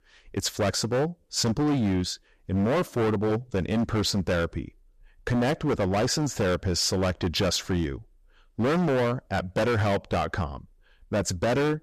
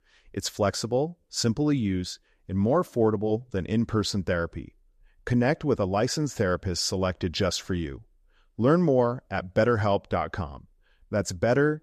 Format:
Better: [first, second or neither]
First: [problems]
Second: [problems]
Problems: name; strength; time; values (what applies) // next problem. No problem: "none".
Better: second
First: distortion; heavy; 19% of the sound clipped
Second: none